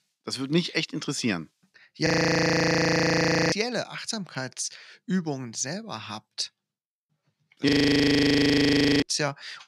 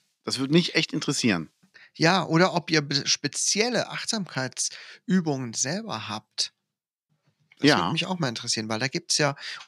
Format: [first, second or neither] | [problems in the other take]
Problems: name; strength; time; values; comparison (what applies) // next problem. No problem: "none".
second | audio freezing; at 2 s for 1.5 s and at 7.5 s for 1.5 s